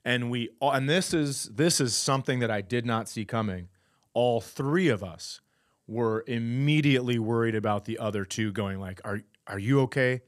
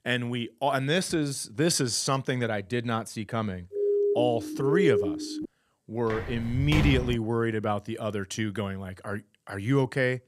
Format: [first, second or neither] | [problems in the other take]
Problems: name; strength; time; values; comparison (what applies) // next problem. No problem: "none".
first | siren; loud; from 3.5 to 5.5 s; peak 3 dB above the speech // footsteps; loud; from 6 to 7 s; peak level with the speech